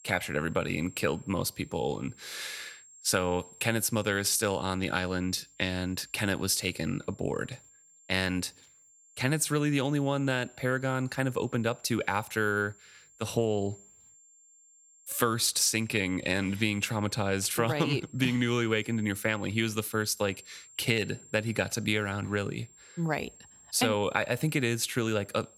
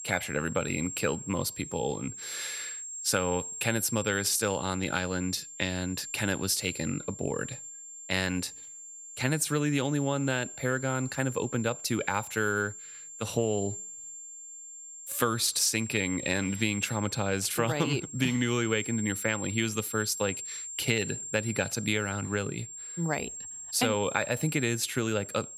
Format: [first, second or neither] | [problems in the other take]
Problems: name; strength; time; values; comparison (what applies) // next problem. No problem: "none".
first | high-pitched whine; loud; throughout; 7.5 kHz, 9 dB below the speech; faint in the first